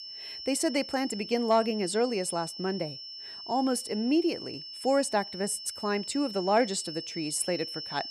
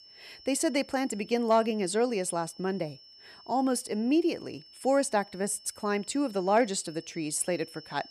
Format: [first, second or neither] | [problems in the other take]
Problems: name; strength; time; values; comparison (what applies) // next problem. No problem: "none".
second | high-pitched whine; loud; throughout; 5.5 kHz, 9 dB below the speech; faint in the second